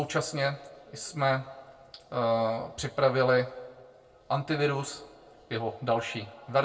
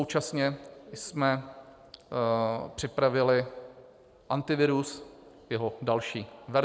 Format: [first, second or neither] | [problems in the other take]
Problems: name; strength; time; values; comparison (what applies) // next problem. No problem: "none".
second | room echo; dies away in 0.2 s